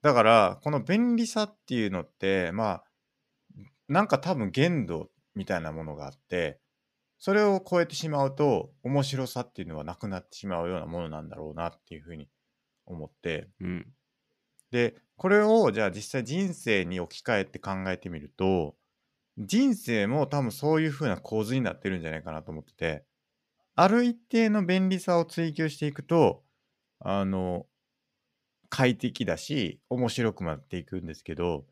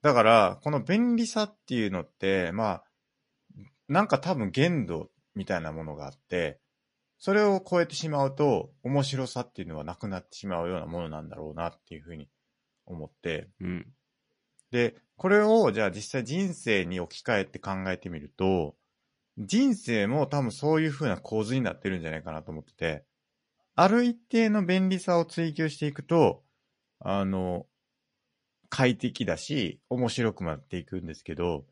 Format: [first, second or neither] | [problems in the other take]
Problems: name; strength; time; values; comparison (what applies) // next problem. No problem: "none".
first | garbled, watery; slightly; nothing above 10.5 kHz